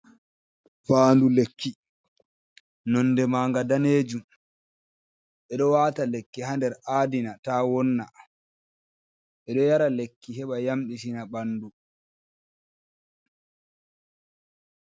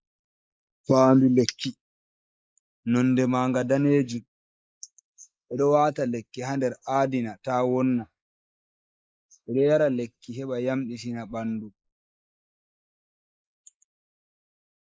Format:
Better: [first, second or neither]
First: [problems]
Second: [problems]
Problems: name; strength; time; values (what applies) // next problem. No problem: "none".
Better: first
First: none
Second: noise reduction (neural mask model Resemble Enhance denoiser)